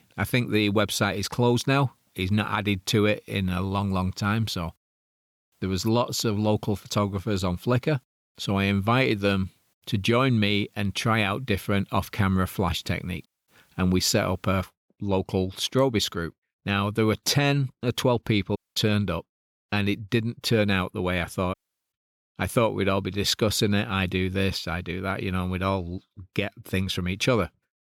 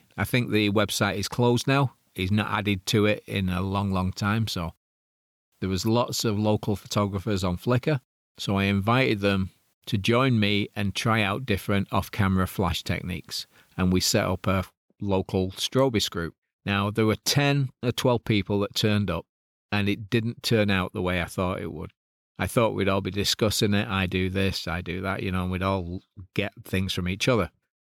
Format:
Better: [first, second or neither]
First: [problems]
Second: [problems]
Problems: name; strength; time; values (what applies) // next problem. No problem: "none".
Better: second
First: audio cutting out; at 13 s, at 19 s and at 22 s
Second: none